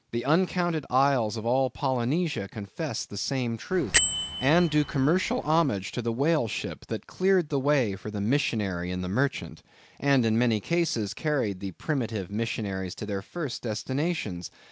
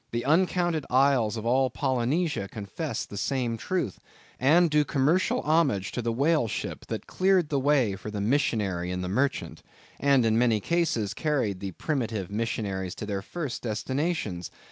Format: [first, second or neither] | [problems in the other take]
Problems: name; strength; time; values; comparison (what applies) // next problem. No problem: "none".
second | background sound (Bell); 3 dB below the speech